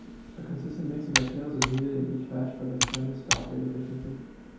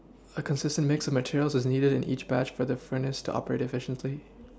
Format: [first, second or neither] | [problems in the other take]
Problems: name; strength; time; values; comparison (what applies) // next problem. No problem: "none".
second | background sound (Computer keyboard); 1 dB below the speech // room echo; dies away in 0.8 s